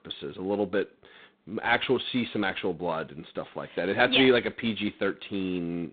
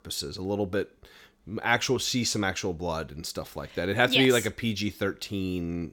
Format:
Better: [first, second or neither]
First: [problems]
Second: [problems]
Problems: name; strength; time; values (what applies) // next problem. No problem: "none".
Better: second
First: phone-call audio; poor line; nothing above 3.5 kHz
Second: none